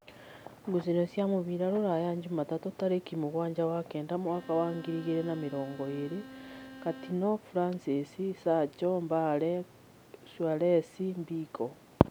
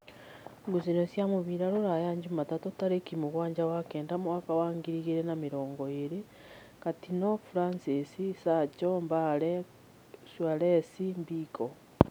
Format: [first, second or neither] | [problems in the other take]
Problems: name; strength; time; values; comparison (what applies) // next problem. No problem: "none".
second | background sound (Bowed string instrument); 17 dB below the speech